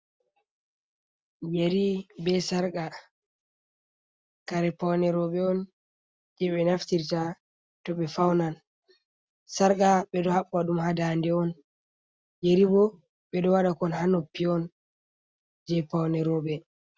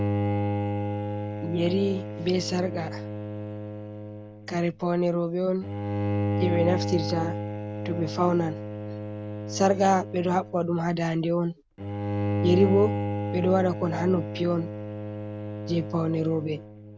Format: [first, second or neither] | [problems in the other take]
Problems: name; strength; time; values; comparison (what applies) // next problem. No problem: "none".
first | background sound (Bowed string instrument); 3 dB below the speech